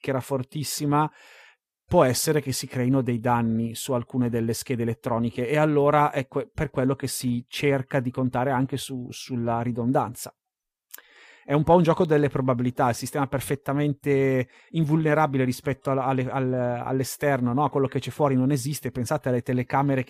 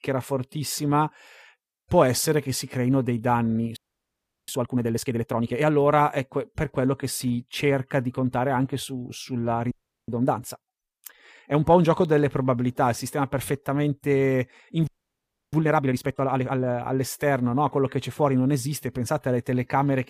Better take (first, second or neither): first